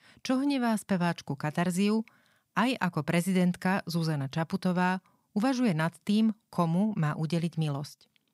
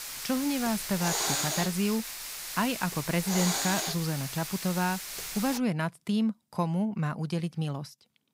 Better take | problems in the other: first | hiss; loud; until 5.5 s; 2 dB below the speech

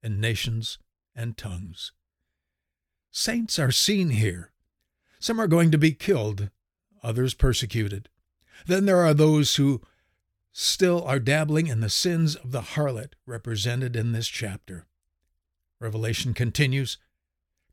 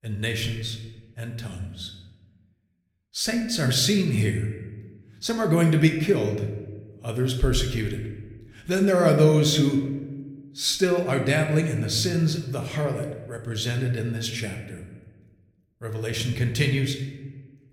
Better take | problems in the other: first | room echo; slight; dies away in 0.9 s

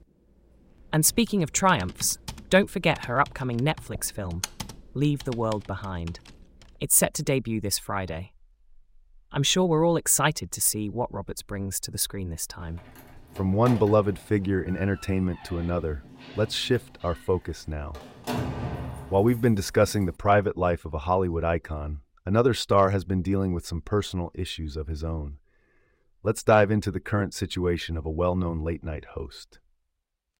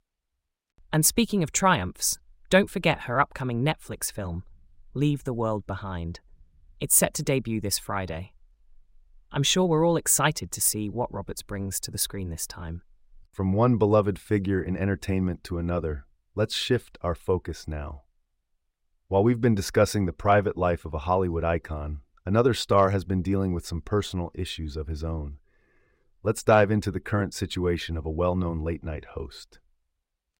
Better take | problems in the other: second | keyboard typing; noticeable; from 1 to 6 s; peak 8 dB below the speech // door banging; noticeable; from 13 to 20 s; peak 5 dB below the speech

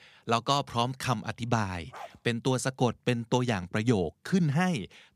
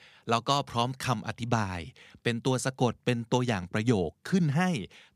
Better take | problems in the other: second | dog barking; faint; at 2 s; peak 15 dB below the speech

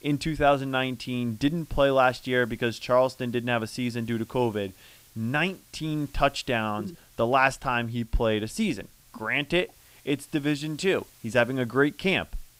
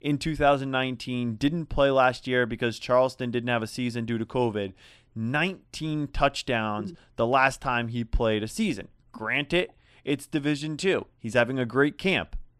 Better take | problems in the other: second | hiss; faint; throughout; 25 dB below the speech

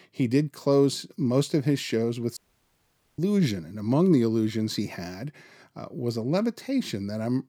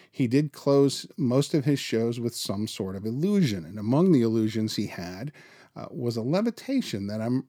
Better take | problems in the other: second | audio cutting out; at 2.5 s for 1 s

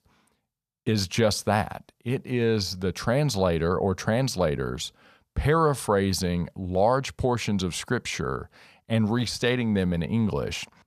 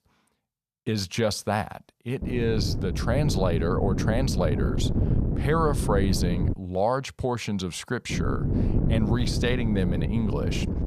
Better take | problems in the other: first | wind noise on the microphone; heavy; from 2 to 6.5 s and from 8 s on; 7 dB below the speech

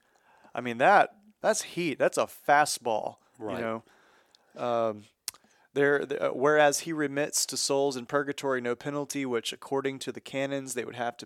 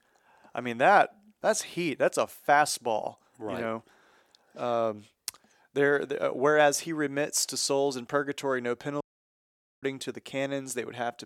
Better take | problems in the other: first | audio cutting out; at 9 s for 1 s

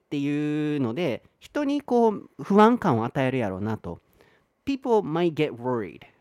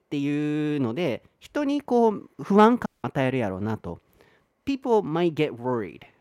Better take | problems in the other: first | audio cutting out; at 3 s

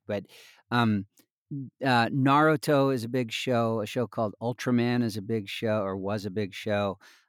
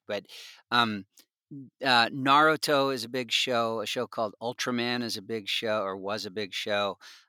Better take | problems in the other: first | thin; somewhat; fading below 1 kHz

